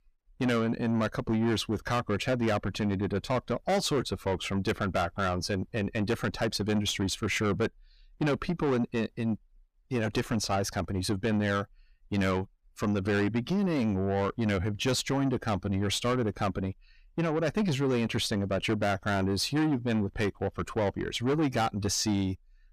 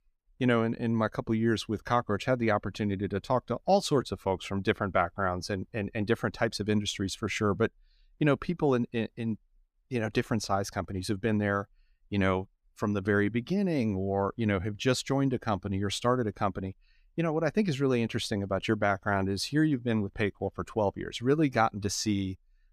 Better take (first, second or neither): second